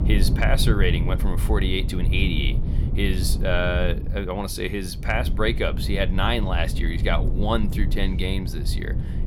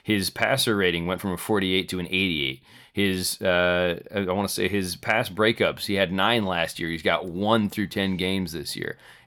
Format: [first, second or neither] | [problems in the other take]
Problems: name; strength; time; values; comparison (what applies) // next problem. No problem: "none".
second | low rumble; noticeable; throughout; 10 dB below the speech